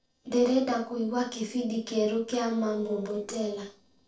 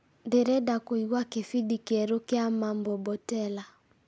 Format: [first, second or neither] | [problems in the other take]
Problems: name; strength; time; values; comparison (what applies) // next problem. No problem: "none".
second | noise reduction (neural separator model SepFormer DNS4)